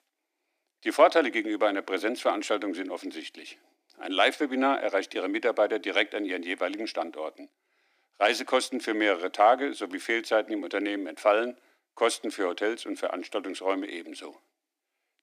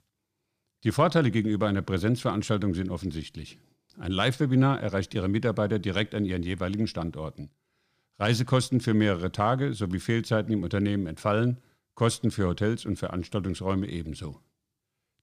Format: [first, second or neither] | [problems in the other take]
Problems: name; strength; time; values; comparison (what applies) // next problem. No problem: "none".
second | thin; very; fading below 300 Hz